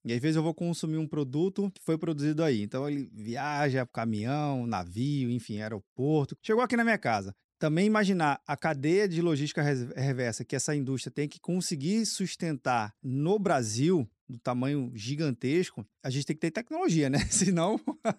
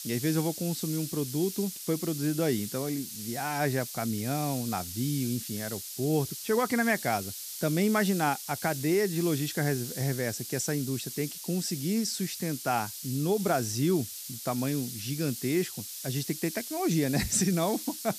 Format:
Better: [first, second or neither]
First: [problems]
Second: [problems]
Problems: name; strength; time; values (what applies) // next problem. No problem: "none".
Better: first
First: none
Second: hiss; loud; throughout; 7 dB below the speech